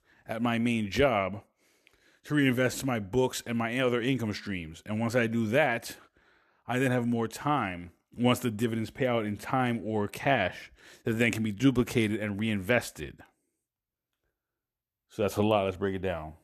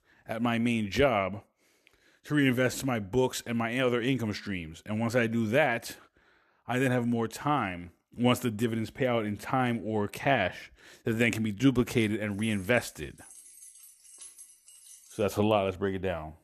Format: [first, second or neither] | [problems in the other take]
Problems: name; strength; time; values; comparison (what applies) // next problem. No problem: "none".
first | jangling keys; faint; from 12 to 15 s; peak 15 dB below the speech